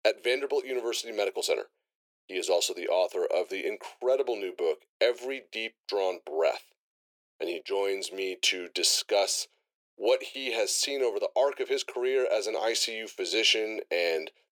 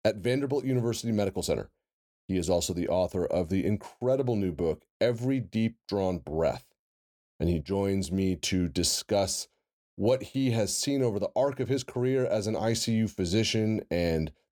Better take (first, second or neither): second